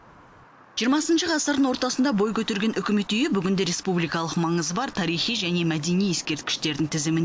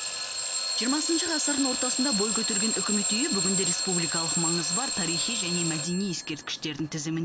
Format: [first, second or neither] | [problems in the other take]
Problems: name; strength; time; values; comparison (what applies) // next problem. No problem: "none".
first | background sound (Alarm / Clock); 2 dB above the speech